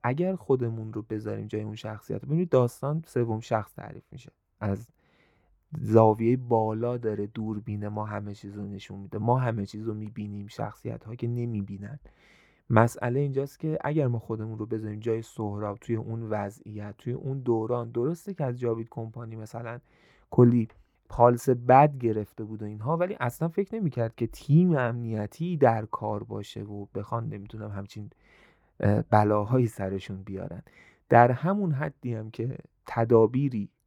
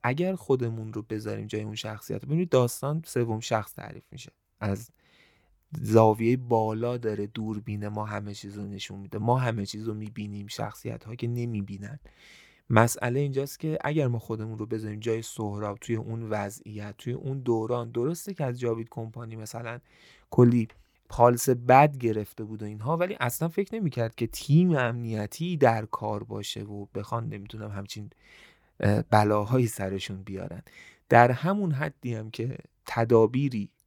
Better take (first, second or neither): second